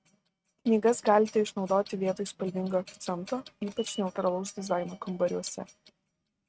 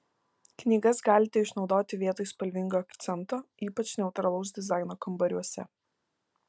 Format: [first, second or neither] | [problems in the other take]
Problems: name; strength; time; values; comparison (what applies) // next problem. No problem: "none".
second | noise reduction (neural mask model RNNoise)